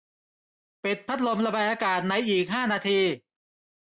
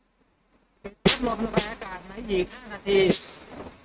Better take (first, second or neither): first